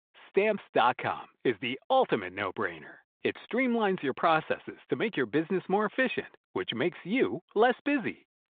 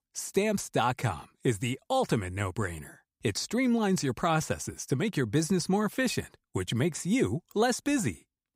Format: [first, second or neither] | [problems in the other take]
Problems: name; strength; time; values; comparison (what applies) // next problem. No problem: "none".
second | phone-call audio; nothing above 3.5 kHz